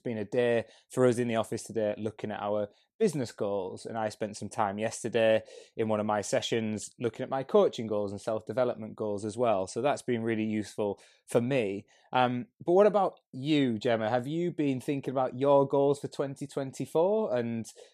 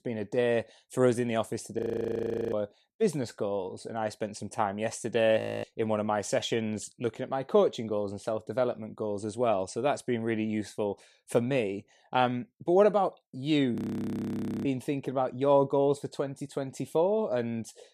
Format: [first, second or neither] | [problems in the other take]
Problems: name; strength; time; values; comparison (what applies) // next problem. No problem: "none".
first | audio freezing; at 2 s for 0.5 s, at 5.5 s and at 14 s for 1 s